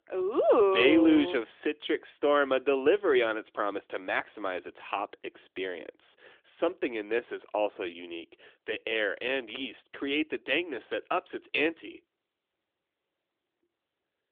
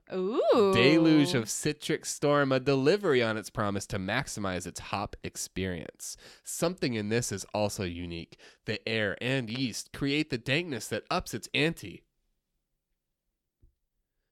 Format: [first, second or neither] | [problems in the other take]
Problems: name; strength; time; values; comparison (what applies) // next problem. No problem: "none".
second | phone-call audio; nothing above 3.5 kHz